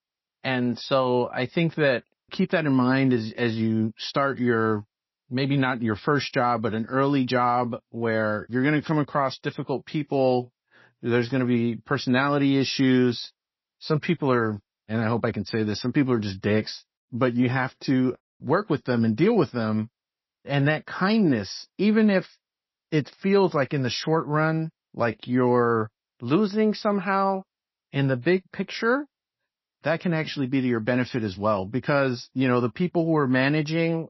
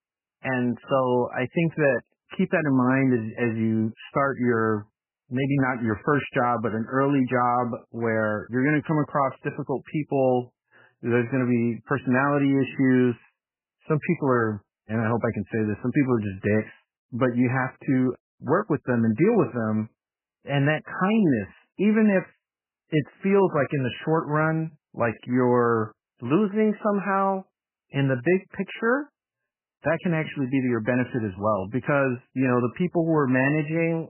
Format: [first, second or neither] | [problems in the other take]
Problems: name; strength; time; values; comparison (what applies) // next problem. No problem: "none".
first | garbled, watery; badly; nothing above 3 kHz; slightly in the first